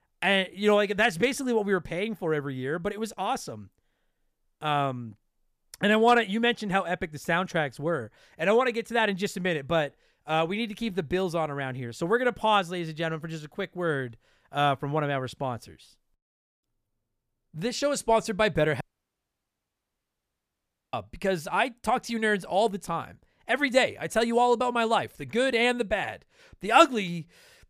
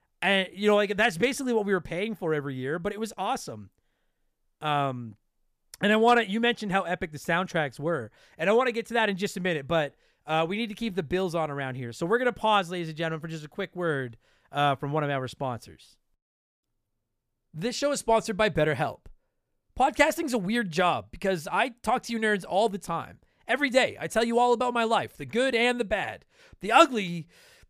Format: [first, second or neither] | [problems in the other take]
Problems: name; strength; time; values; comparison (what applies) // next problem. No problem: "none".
second | audio cutting out; at 19 s for 2 s